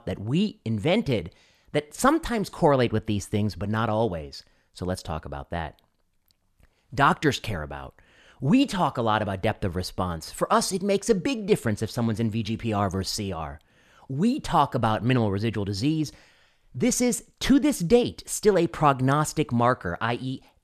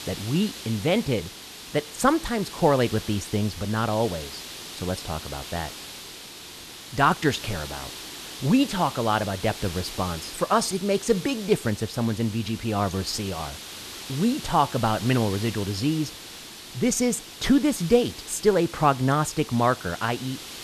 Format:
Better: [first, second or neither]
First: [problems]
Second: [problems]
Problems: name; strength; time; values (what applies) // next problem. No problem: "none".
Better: first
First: none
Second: hiss; noticeable; throughout; 10 dB below the speech